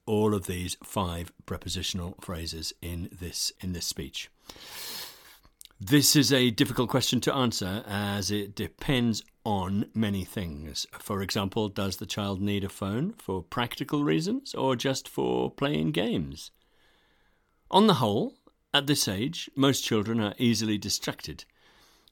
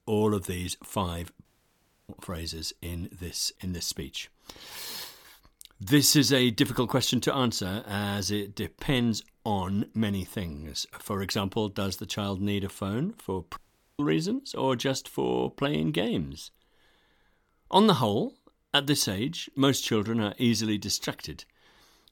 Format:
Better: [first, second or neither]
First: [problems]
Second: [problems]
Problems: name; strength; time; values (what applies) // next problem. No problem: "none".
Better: first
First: none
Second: audio cutting out; at 1.5 s for 0.5 s and at 14 s